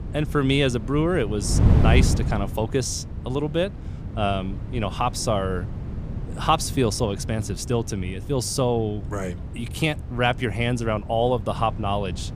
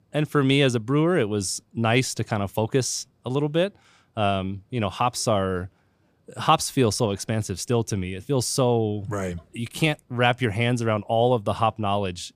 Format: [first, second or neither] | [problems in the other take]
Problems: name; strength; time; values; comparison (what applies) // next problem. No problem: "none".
second | wind noise on the microphone; occasional gusts; 15 dB below the speech